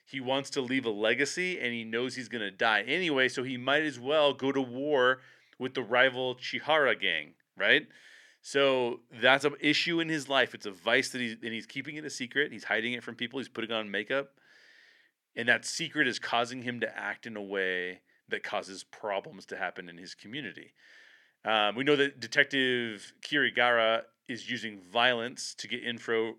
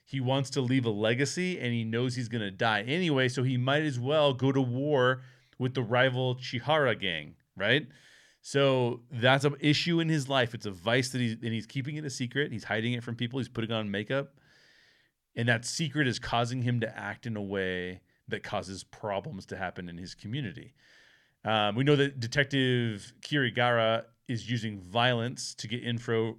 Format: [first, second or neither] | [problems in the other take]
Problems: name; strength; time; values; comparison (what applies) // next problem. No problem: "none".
second | thin; somewhat; fading below 350 Hz